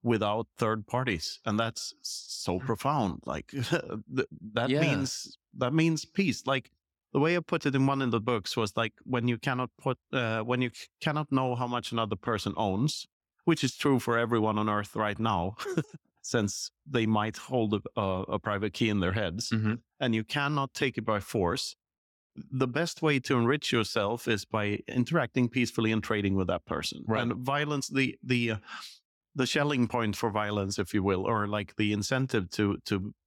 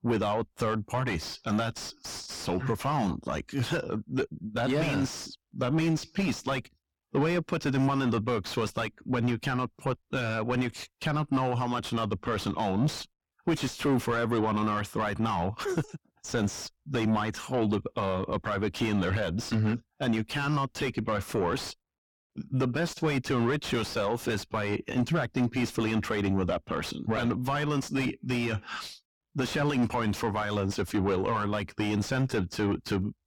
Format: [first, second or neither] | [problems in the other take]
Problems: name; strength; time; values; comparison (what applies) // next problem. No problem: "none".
first | distortion; heavy; 6 dB below the speech